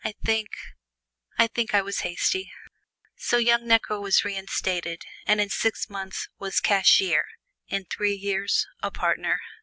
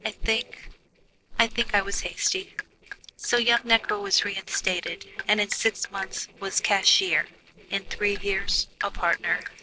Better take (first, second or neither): first